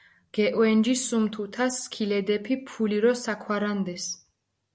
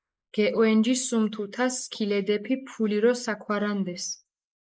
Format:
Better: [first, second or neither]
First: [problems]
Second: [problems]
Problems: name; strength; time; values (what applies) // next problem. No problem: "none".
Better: first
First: none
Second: noise reduction (neural mask model Resemble Enhance denoiser)